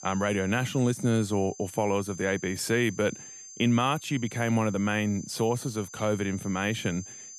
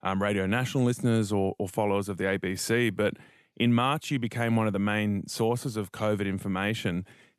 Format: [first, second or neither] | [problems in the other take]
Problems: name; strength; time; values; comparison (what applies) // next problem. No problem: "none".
second | high-pitched whine; noticeable; throughout; 6 kHz, 15 dB below the speech